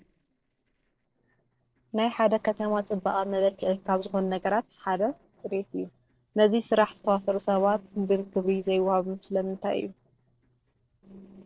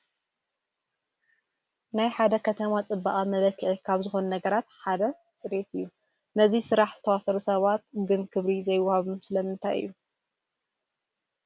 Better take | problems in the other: second | noise reduction (neural separator model SepFormer DNS4)

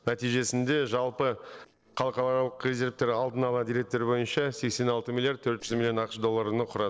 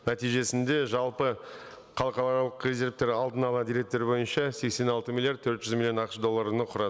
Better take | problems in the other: second | noise reduction (neural separator model SepFormer DNS4)

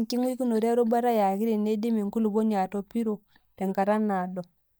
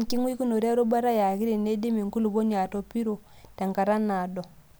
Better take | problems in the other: second | noise reduction (neural mask model DeepFilterNet 3)

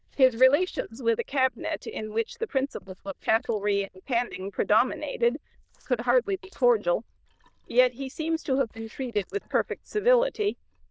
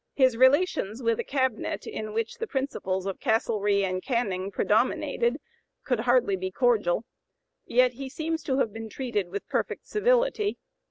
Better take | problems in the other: second | noise reduction (neural diffusion model UNIVERSE++)

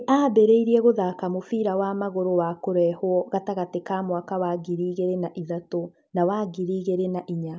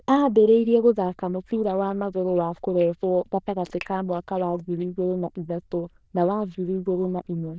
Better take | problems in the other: first | noise reduction (neural diffusion model UNIVERSE++)

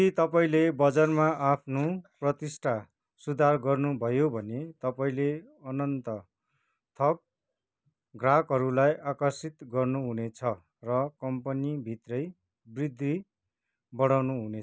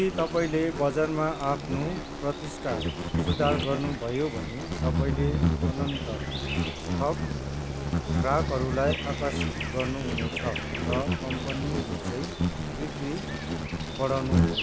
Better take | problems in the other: first | background sound (Insect); 2 dB above the speech

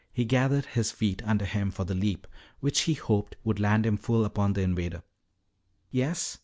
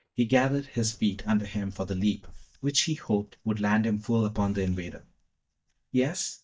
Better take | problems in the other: first | noise reduction (neural mask model DeepFilterNet 3)

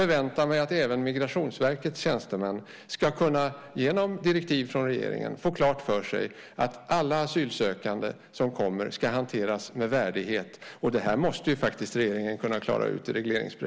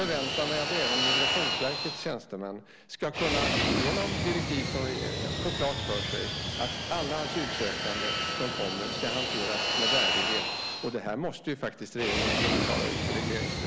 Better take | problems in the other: first | background sound (Fixed-wing aircraft, airplane); 4 dB above the speech

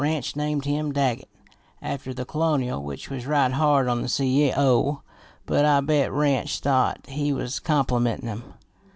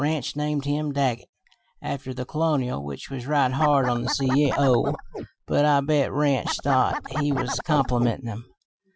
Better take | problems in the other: first | noise reduction (classical method Wiener filter)

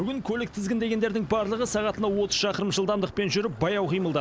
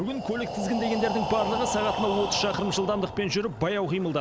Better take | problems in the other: first | background sound (Breathing); 5 dB below the speech

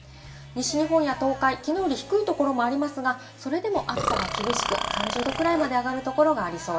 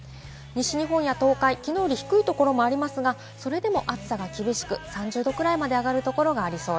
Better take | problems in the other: second | background sound (Burping, eructation); 3 dB below the speech // room echo; dies away in 0.5 s

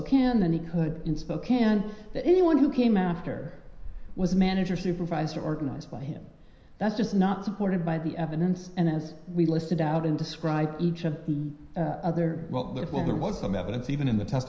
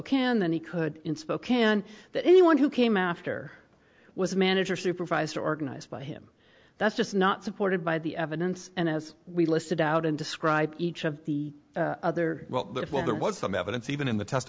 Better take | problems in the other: second | background sound (Cricket); 16 dB below the speech // room echo; dies away in 0.9 s

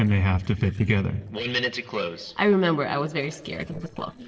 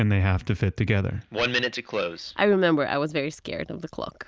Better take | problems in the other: second | noise reduction (neural separator model SepFormer DNS4)

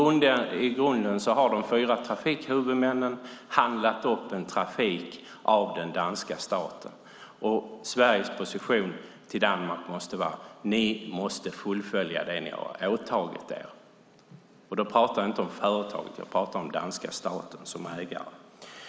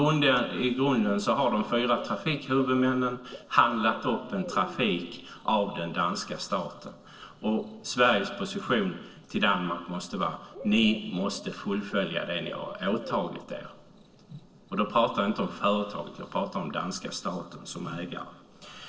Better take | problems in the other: first | noise reduction (neural separator model SepFormer DNS4)

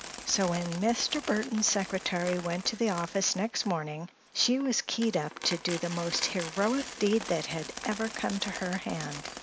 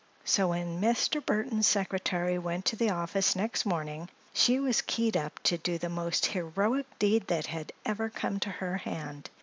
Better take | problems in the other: second | background sound (Coin (dropping)); 12 dB below the speech

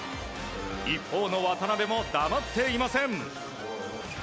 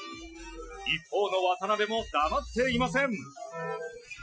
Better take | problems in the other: first | noise reduction (classical method Wiener filter)

